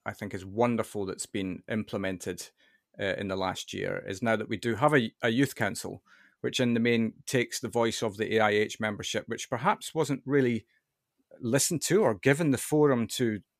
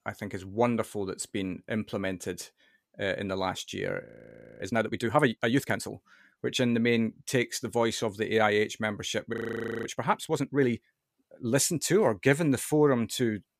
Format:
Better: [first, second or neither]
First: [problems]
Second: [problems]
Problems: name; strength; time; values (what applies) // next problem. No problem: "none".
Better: first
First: none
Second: audio freezing; at 4 s for 0.5 s and at 9.5 s for 0.5 s